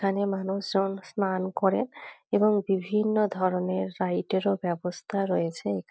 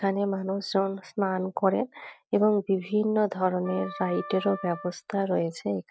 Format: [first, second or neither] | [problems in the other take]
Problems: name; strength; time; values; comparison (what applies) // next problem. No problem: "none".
first | background sound (Wind instrument, woodwind instrument); 16 dB below the speech